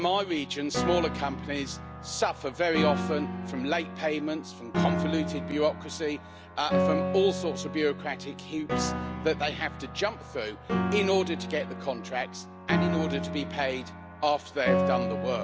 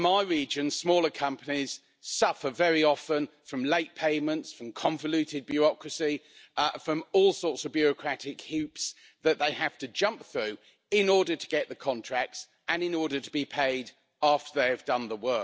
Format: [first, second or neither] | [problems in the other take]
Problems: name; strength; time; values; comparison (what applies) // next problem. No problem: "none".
second | background sound (Piano); 2 dB below the speech